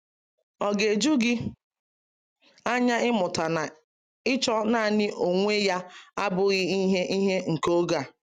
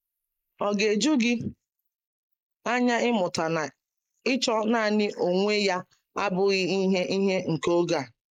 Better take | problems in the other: first | noise reduction (neural mask model Resemble Enhance denoiser)

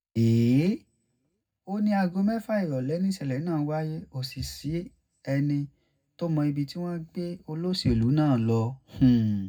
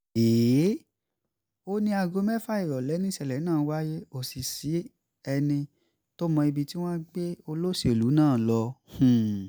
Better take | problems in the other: second | room echo; dies away in 0.3 s

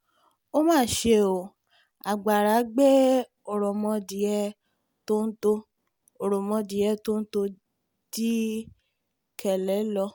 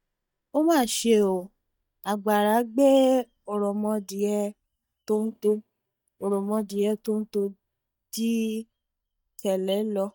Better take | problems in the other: first | noise reduction (neural mask model DeepFilterNet 3)

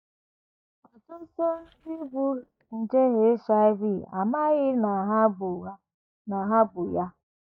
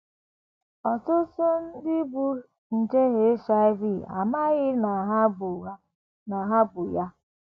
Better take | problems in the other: second | noise reduction (neural mask model DeepFilterNet 3)

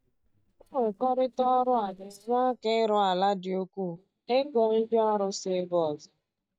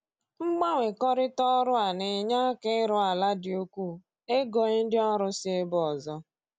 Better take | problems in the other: second | noise reduction (neural mask model DeepFilterNet 3)

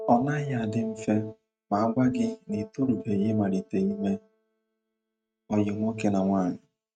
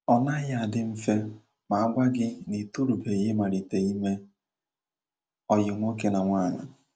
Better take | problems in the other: second | noise reduction (neural mask model RNNoise)

